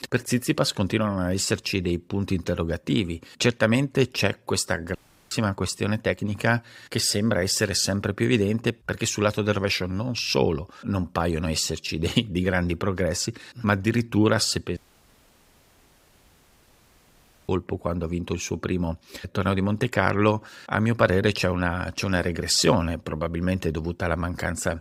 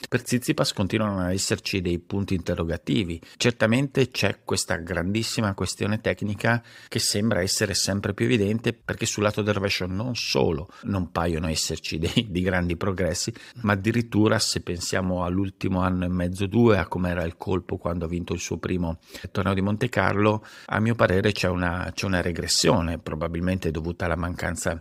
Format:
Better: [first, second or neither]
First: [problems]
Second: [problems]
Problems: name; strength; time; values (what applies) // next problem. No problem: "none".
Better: second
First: audio cutting out; at 5 s and at 15 s for 2.5 s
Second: none